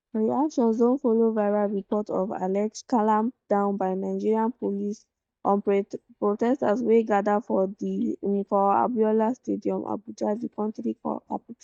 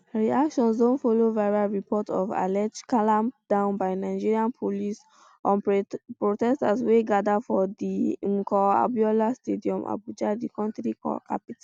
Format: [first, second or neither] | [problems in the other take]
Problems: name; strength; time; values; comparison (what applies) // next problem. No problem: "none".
second | noise reduction (neural mask model DeepFilterNet 3)